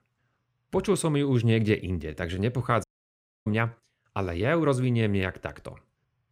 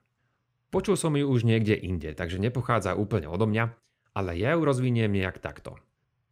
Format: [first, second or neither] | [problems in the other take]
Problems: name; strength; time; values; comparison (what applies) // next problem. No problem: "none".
second | audio cutting out; at 3 s for 0.5 s